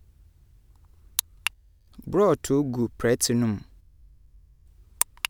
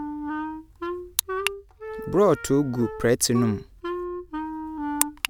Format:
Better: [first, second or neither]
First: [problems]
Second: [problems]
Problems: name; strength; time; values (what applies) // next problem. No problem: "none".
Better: first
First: none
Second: background sound (Wind instrument, woodwind instrument); 7 dB below the speech